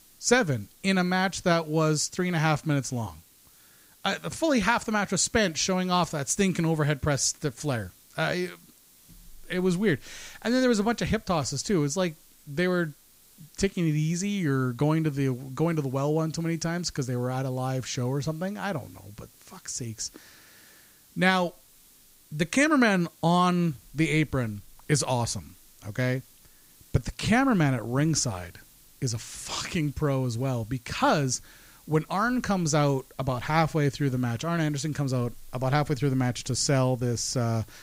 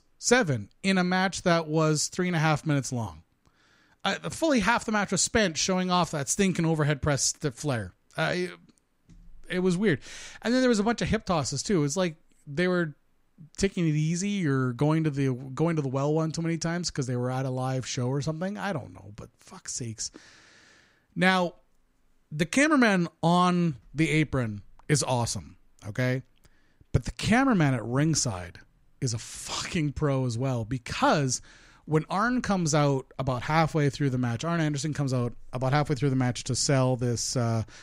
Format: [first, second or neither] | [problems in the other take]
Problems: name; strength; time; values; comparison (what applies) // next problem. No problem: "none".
second | hiss; faint; throughout; 25 dB below the speech